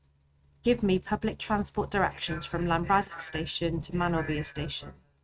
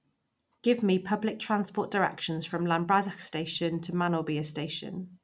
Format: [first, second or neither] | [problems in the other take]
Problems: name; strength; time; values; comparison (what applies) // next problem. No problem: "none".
second | noise reduction (neural mask model RNNoise)